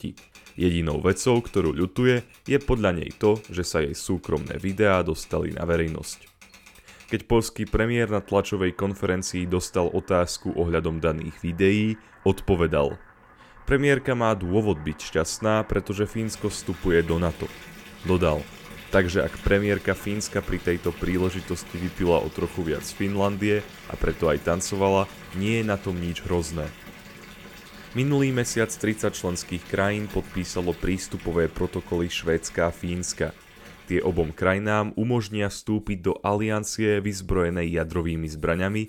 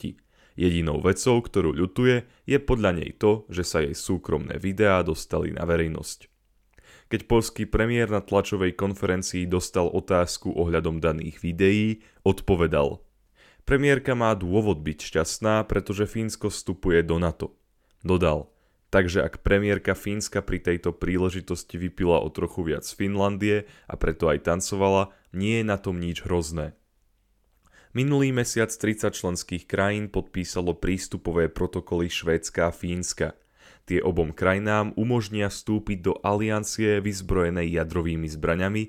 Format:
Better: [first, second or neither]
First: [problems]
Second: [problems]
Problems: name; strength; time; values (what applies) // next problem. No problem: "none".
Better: second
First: household noises; noticeable; throughout; 20 dB below the speech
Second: none